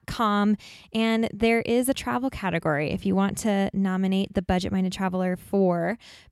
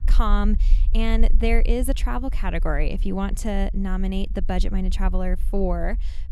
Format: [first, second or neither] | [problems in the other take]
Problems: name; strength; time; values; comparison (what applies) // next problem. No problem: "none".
first | low rumble; faint; throughout; 20 dB below the speech